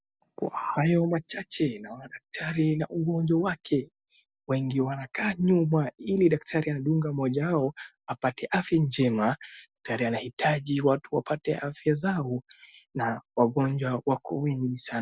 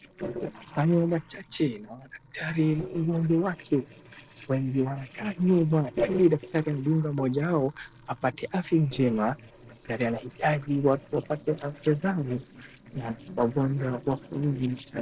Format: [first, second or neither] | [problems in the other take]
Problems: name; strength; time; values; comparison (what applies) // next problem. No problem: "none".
first | noise reduction (neural separator model SepFormer DNS4)